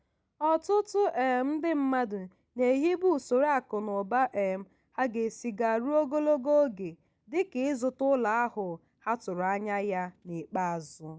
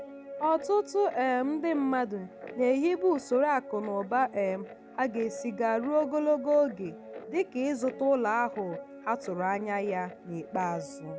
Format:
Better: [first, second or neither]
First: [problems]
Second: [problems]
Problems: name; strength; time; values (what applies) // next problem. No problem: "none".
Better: first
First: none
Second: background sound (Guitar); 14 dB below the speech